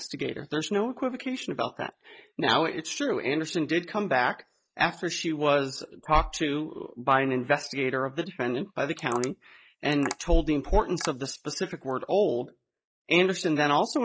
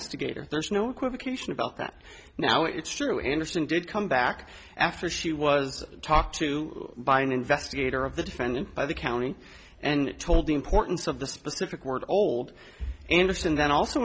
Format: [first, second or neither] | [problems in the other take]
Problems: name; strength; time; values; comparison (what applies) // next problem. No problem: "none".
second | noise reduction (neural mask model Resemble Enhance denoiser)